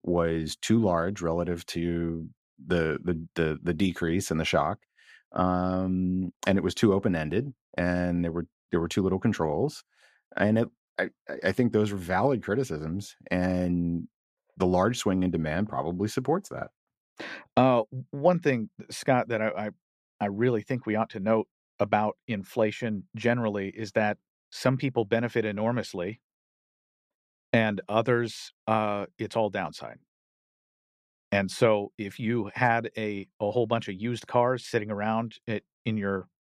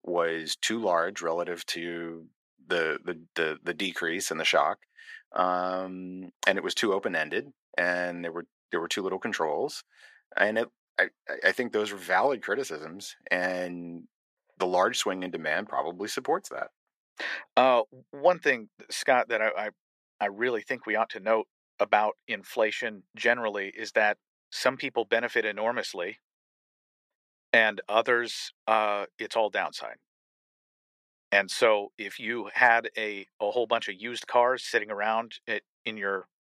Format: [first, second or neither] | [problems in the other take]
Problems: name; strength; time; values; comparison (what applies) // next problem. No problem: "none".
first | thin; somewhat; fading below 500 Hz